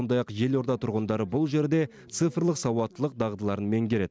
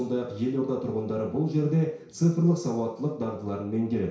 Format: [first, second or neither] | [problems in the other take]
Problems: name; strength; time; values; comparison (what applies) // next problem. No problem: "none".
first | room echo; dies away in 0.6 s